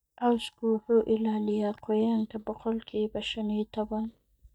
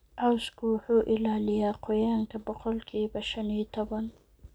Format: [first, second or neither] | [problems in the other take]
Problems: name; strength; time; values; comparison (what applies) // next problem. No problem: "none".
second | noise reduction (neural mask model DeepFilterNet 3)